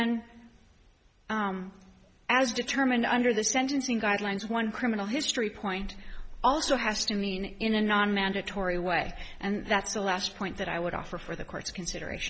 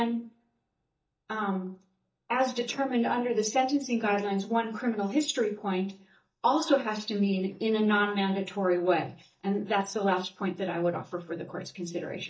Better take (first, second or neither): first